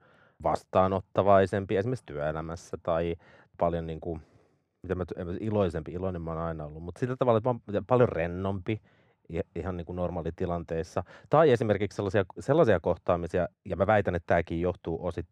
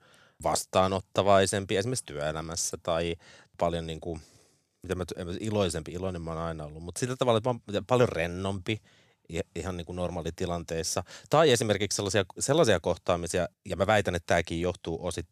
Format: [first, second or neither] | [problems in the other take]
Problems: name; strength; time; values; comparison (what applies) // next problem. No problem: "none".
second | muffled; very; fading above 3.5 kHz